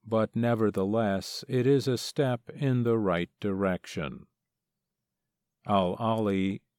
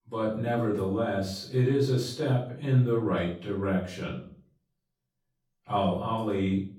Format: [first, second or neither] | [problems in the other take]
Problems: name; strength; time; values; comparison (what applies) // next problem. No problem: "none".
first | off-mic speech; far // room echo; noticeable; dies away in 0.4 s